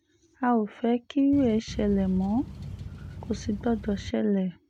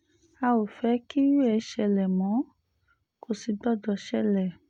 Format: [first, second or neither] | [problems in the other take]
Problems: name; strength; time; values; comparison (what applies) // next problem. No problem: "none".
second | background sound (Boat, Water vehicle); 11 dB below the speech